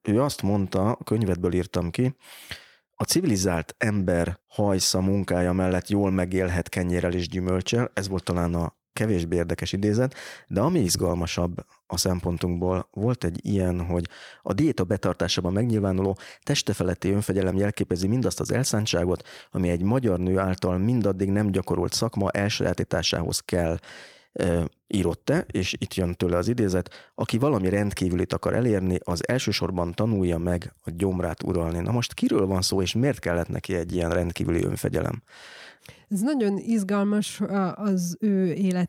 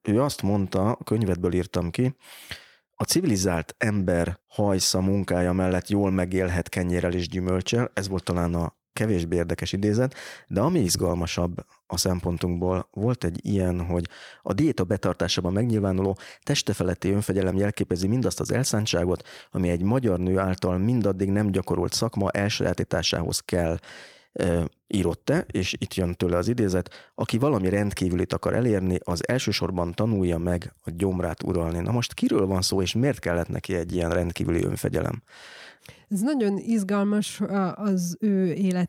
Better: neither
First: none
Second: none

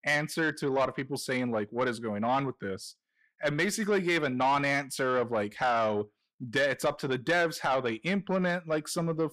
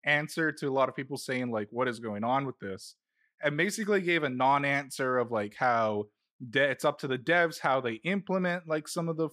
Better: second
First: distortion; slight; 10 dB below the speech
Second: none

